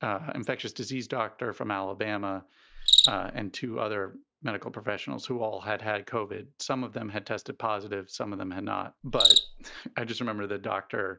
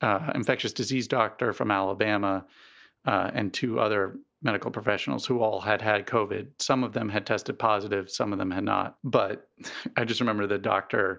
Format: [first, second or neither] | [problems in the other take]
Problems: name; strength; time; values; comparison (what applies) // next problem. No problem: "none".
second | noise reduction (neural mask model RNNoise)